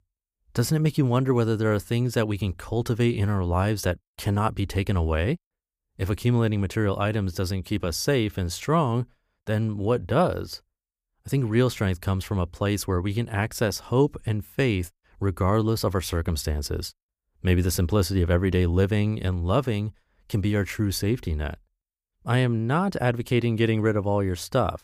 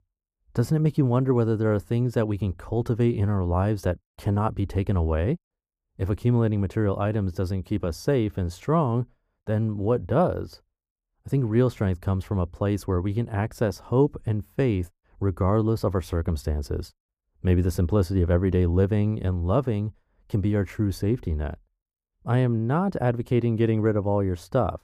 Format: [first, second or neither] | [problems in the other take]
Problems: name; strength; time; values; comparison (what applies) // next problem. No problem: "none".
first | muffled; slightly; fading above 1.5 kHz